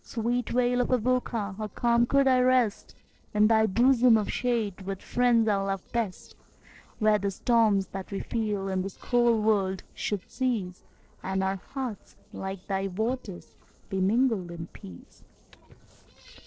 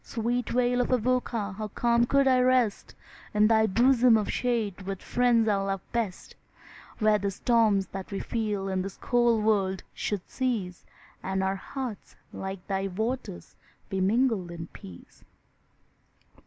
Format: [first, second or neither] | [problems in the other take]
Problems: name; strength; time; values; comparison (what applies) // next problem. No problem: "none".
second | noise reduction (neural separator model SepFormer DNS4)